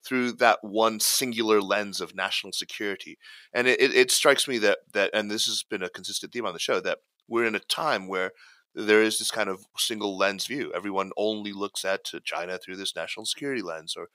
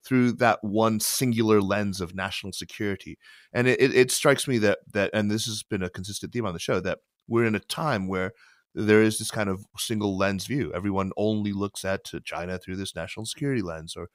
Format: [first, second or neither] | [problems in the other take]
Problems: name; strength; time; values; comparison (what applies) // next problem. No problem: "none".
second | thin; somewhat; fading below 350 Hz